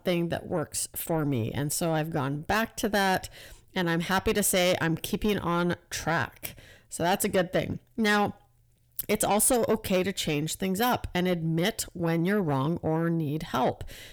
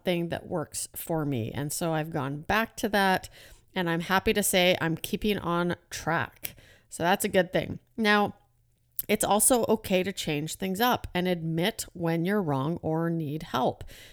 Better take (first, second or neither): second